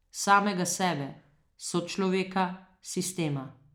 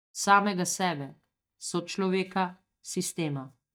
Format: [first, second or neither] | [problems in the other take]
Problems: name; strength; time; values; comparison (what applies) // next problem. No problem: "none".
first | noise reduction (neural mask model DeepFilterNet 3)